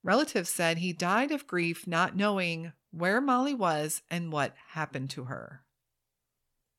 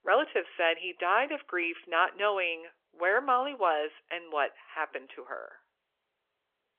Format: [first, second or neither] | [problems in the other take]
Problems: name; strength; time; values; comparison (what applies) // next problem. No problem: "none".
first | phone-call audio; nothing above 3 kHz